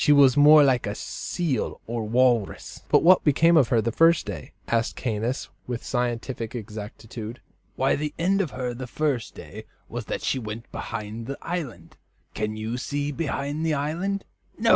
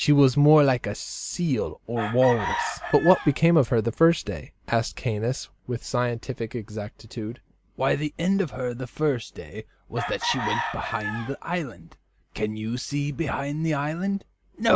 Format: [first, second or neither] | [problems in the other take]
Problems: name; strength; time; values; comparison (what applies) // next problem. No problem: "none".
first | background sound (Chicken, rooster); 8 dB below the speech